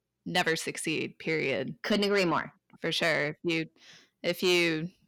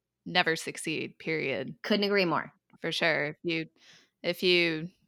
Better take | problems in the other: second | distortion; slight; 10 dB below the speech

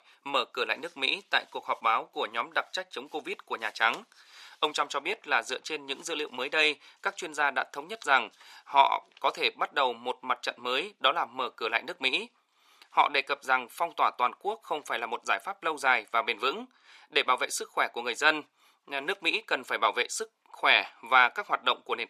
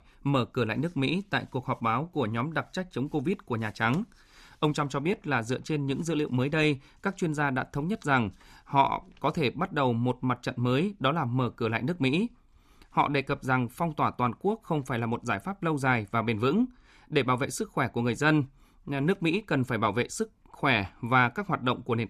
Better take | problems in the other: second | thin; very; fading below 550 Hz

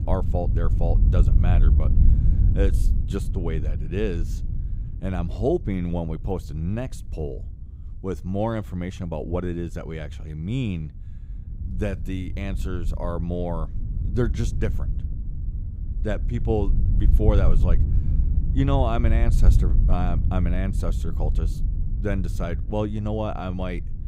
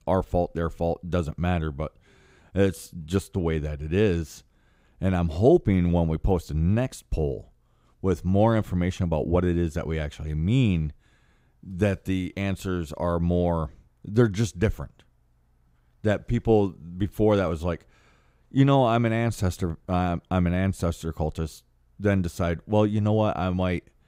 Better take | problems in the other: second | wind noise on the microphone; occasional gusts; 10 dB below the speech

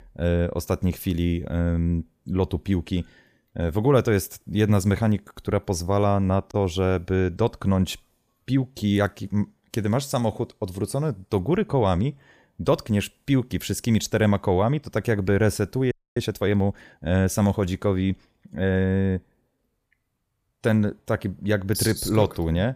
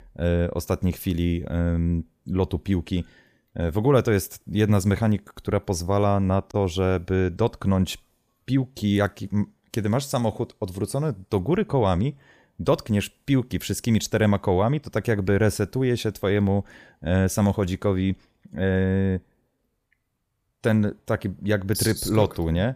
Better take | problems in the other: second | audio freezing; at 16 s

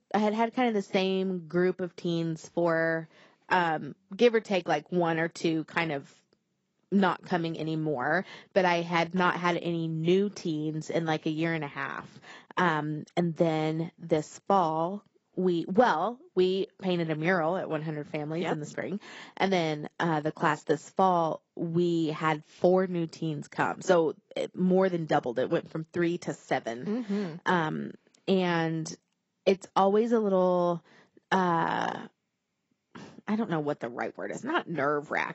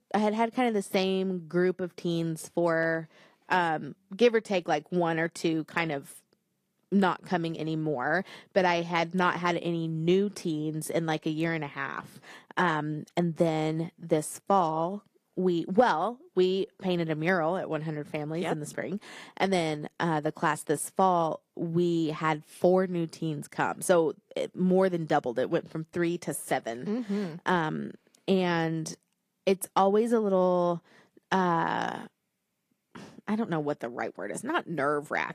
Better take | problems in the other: second | garbled, watery; badly; nothing above 8 kHz; slightly in the second

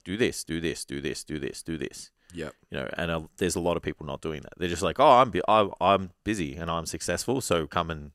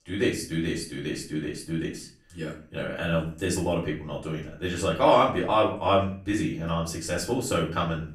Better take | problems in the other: first | off-mic speech; far // room echo; slight; dies away in 0.4 s

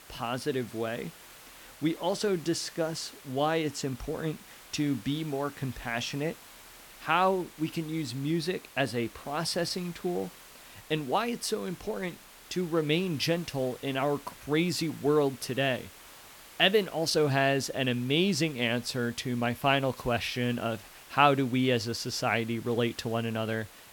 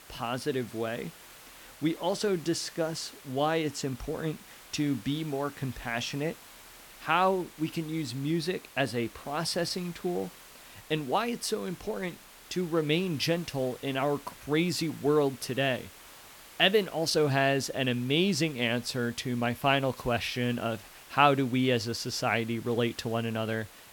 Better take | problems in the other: neither | hiss; noticeable; throughout; 20 dB below the speech; the same in both

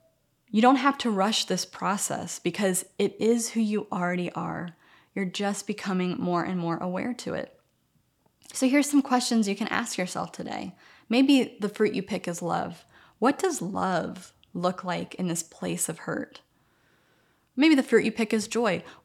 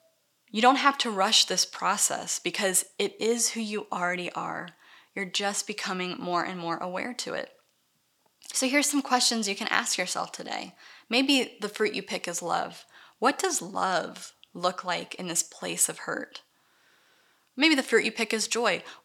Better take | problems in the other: first | thin; very slightly; fading below 750 Hz

